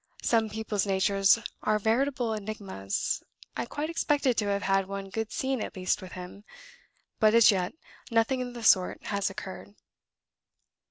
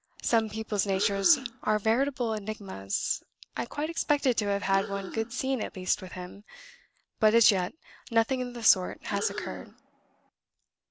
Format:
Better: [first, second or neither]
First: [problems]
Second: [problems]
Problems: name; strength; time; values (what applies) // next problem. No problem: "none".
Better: first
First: none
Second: background sound (Breathing); 14 dB below the speech